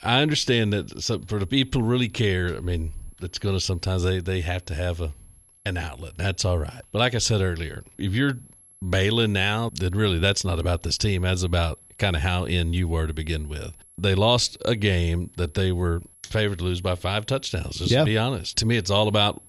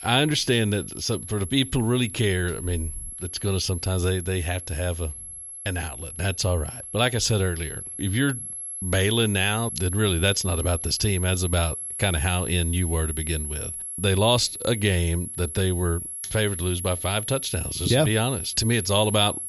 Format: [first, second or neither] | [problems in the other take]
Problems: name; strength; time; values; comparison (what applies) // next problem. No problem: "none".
first | high-pitched whine; loud; throughout; 11 kHz, 7 dB below the speech; faint in the first